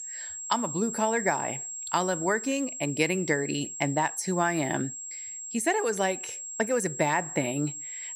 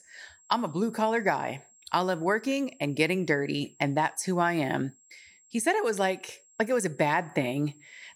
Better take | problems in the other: second | high-pitched whine; loud; throughout; 7.5 kHz, 6 dB below the speech; faint in the second

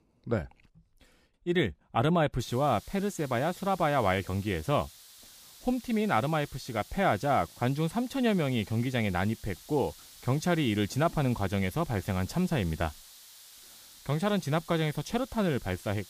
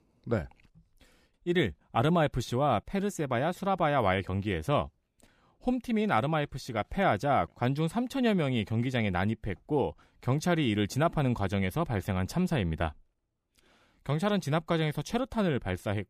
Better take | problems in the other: second | hiss; noticeable; from 2.5 s on; 20 dB below the speech

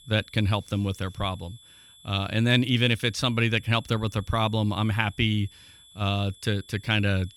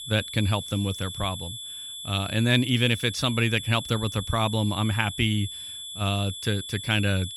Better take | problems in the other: first | high-pitched whine; loud; throughout; 3.5 kHz, 9 dB below the speech; faint in the first

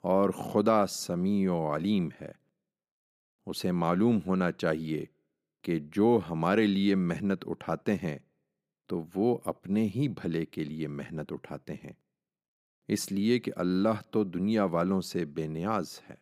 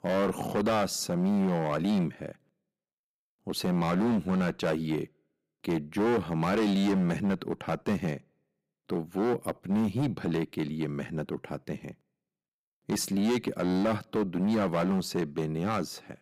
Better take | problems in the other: first | distortion; heavy; 11% of the sound clipped

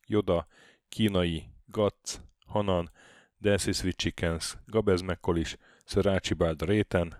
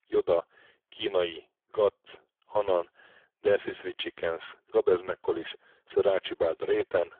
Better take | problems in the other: first | phone-call audio; poor line; nothing above 3.5 kHz

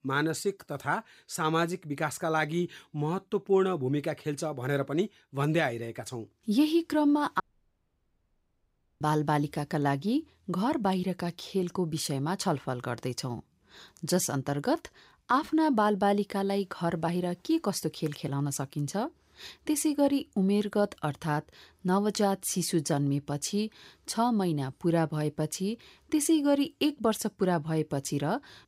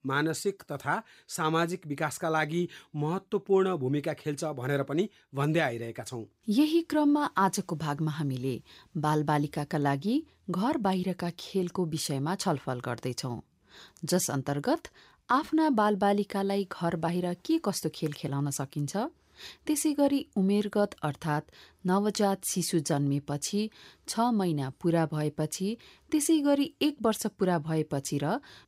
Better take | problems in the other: second | audio cutting out; at 7.5 s for 1.5 s

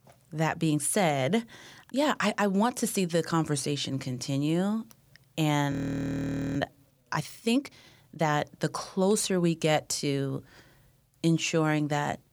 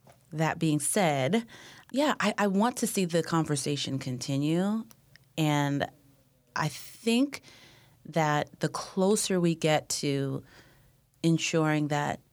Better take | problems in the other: second | audio freezing; at 5.5 s for 1 s

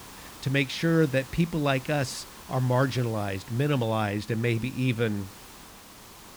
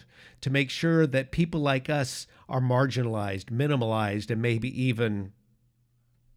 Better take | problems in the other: second | hiss; noticeable; throughout; 20 dB below the speech

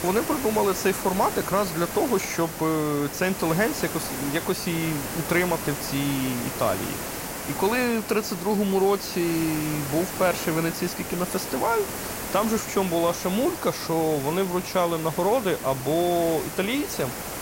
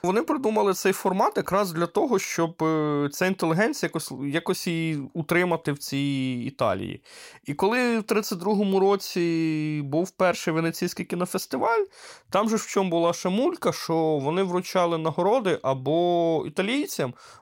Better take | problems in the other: second | hiss; loud; throughout; 6 dB below the speech

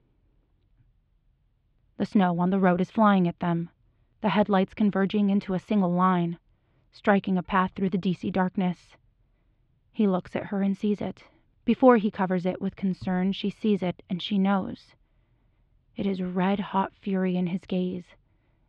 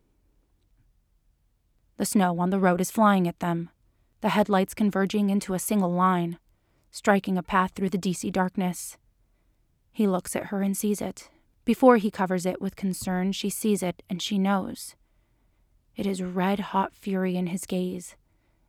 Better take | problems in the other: second | muffled; slightly; fading above 3.5 kHz

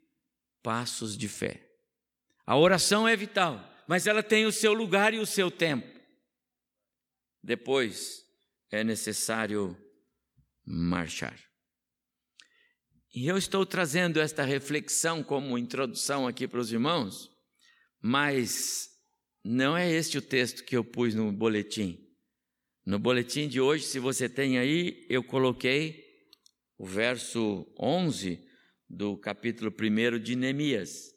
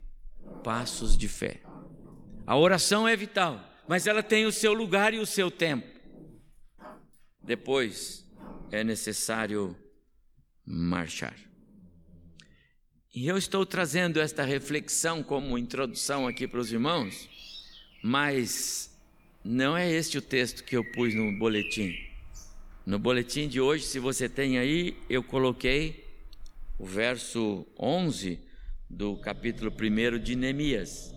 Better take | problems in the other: first | animal sounds; noticeable; throughout; 15 dB below the speech

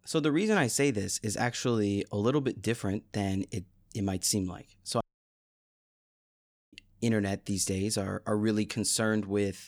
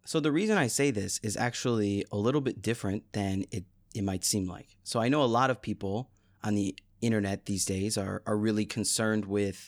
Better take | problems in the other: second | audio cutting out; at 5 s for 1.5 s

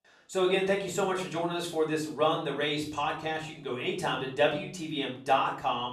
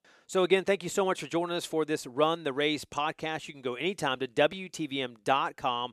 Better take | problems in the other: second | off-mic speech; far // room echo; slight; dies away in 0.5 s

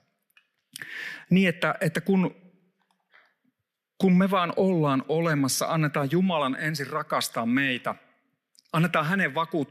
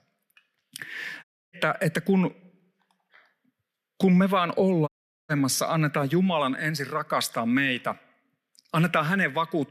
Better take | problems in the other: first | audio cutting out; at 1 s and at 5 s

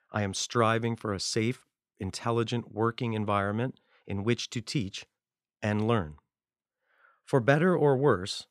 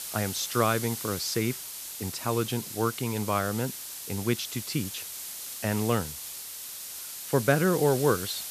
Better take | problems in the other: first | hiss; loud; throughout; 7 dB below the speech

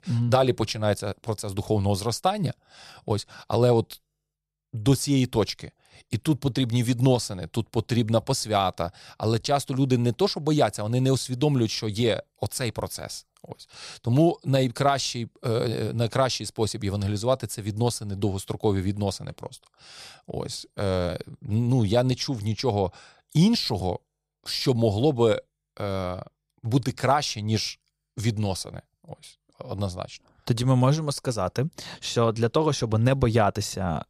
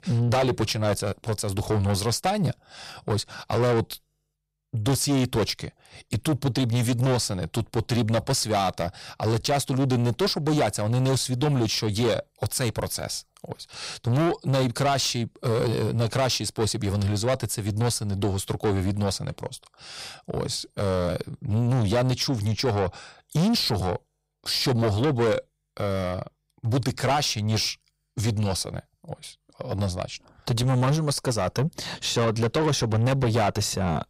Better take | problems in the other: first | distortion; heavy; 7 dB below the speech

